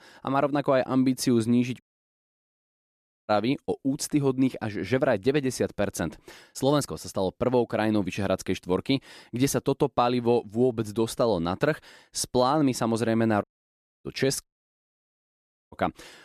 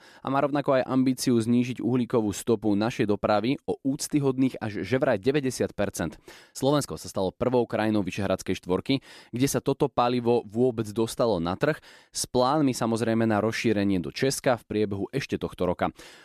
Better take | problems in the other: second | audio cutting out; at 2 s for 1.5 s, at 13 s for 0.5 s and at 14 s for 1.5 s

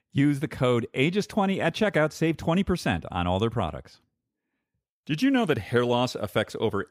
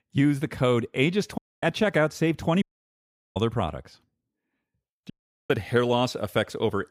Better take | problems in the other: first | audio cutting out; at 1.5 s, at 2.5 s for 0.5 s and at 5 s

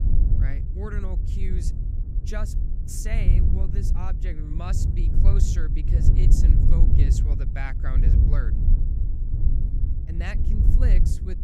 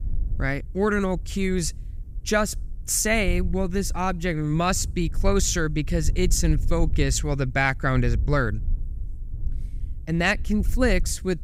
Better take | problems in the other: second | low rumble; loud; throughout; 1 dB below the speech; faint in the second

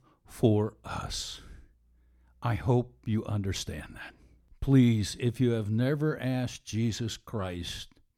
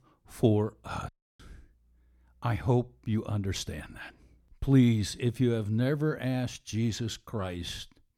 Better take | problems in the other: first | audio cutting out; at 1 s

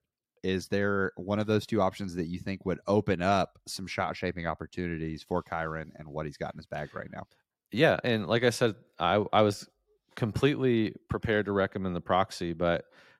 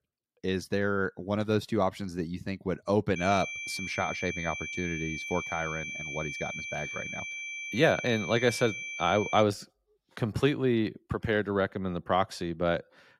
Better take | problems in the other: first | high-pitched whine; loud; from 3 to 9.5 s; 2.5 kHz, 6 dB below the speech

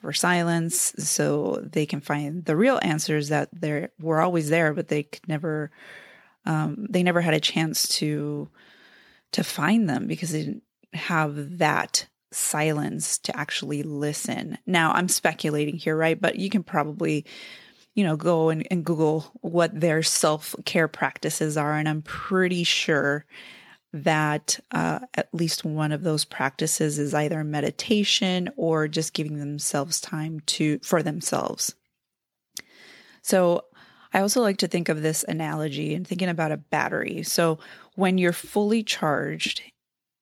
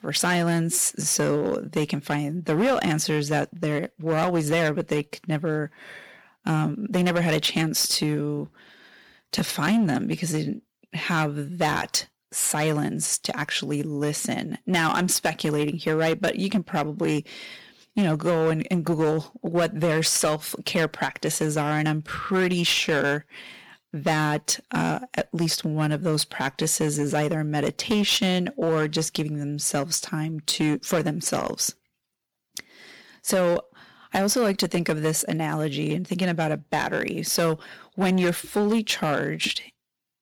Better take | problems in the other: first | distortion; slight; 7% of the sound clipped

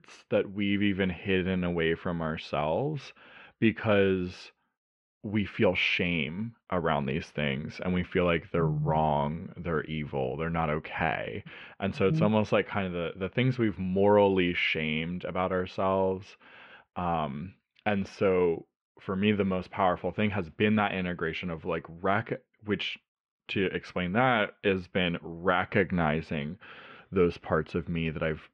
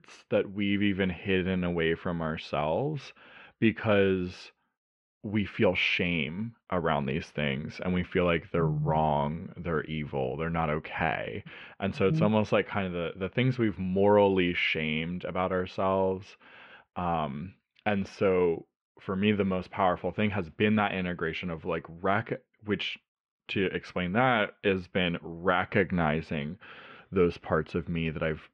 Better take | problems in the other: neither | muffled; very; fading above 2.5 kHz; the same in both

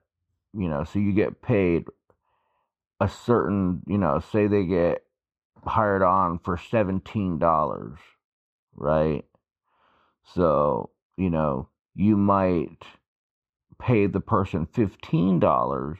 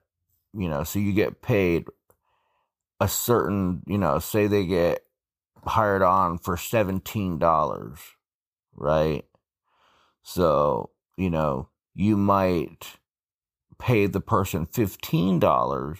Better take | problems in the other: second | muffled; very; fading above 2.5 kHz

